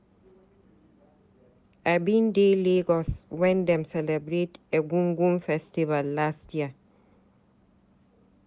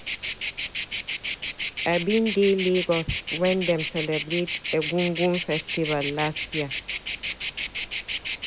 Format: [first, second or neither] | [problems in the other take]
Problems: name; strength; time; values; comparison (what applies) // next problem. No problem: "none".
first | background sound (Insect); 5 dB below the speech